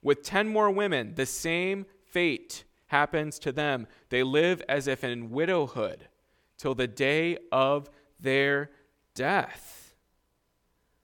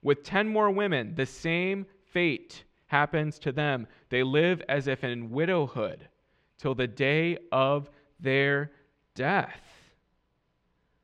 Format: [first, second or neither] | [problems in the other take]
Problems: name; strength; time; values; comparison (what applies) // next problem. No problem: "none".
first | muffled; slightly; fading above 3 kHz